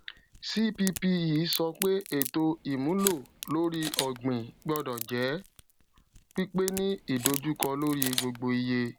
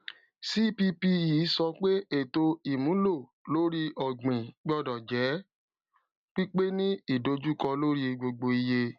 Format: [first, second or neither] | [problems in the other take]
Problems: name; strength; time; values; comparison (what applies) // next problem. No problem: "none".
second | background sound (Camera + Crack); 9 dB below the speech